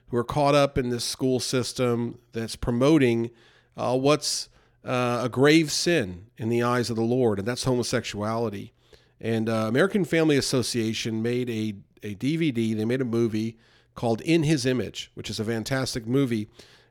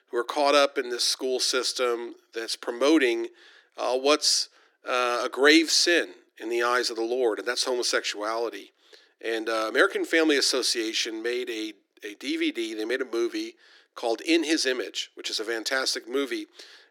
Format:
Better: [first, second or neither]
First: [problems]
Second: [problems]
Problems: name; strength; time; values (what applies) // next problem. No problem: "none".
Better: first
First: none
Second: thin; somewhat; fading below 300 Hz